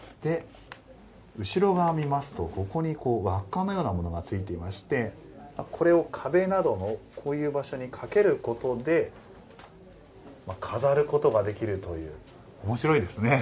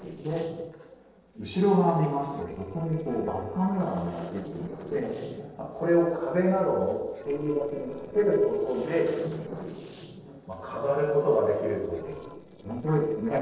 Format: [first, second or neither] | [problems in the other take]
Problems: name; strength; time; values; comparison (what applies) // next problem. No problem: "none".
first | noise reduction (neural separator model SepFormer DNS4)